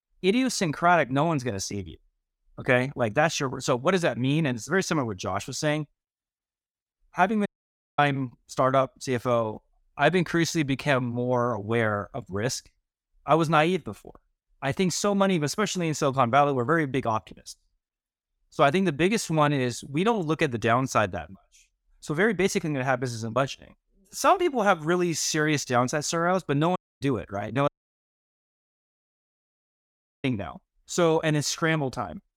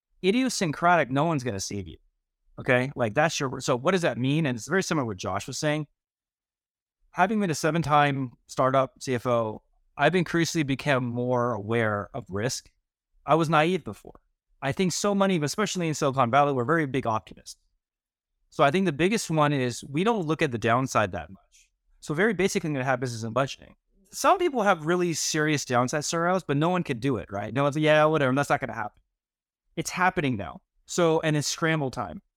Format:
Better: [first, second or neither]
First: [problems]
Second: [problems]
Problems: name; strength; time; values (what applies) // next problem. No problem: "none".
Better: second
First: audio cutting out; at 7.5 s for 0.5 s, at 27 s and at 28 s for 2.5 s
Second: none